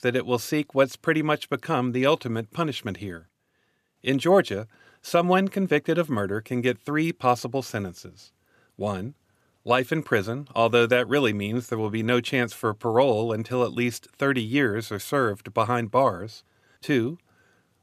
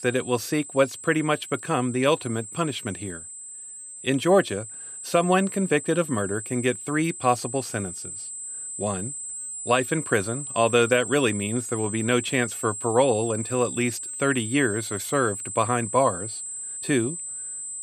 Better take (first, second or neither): first